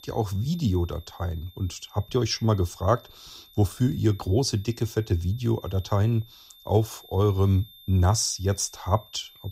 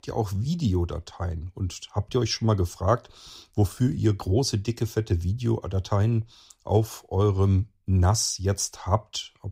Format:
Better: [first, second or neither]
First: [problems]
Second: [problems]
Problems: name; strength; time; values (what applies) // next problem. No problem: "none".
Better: second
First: high-pitched whine; faint; throughout; 3.5 kHz, 25 dB below the speech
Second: none